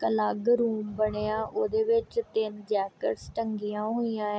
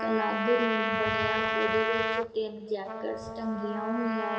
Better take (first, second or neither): first